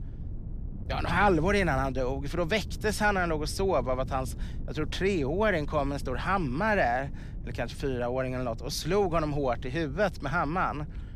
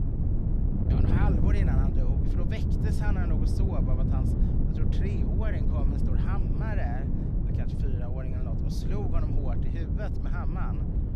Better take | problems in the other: first | wind noise on the microphone; heavy; 1 dB above the speech; occasional gusts in the first

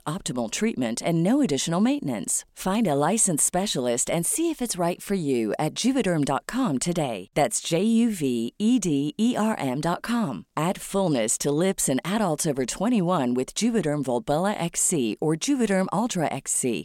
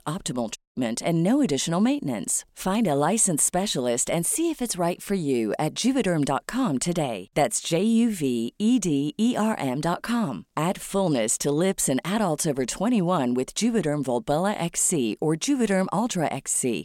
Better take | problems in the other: first | audio cutting out; at 0.5 s

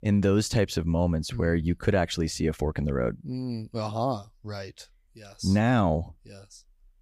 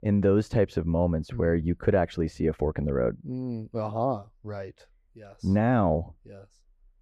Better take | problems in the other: first | muffled; very; fading above 3 kHz

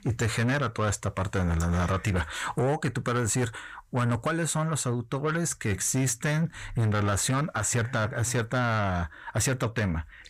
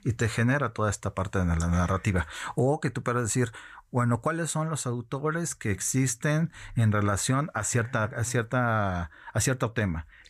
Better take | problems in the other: second | distortion; slight; 10 dB below the speech

